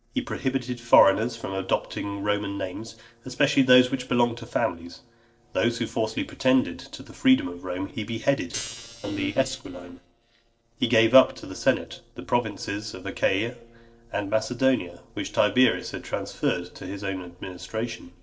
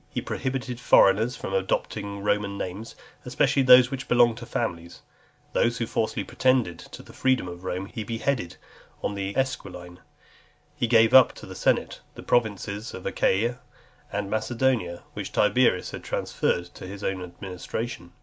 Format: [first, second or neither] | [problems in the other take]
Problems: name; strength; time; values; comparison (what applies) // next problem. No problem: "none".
second | noise reduction (neural separator model SepFormer DNS4)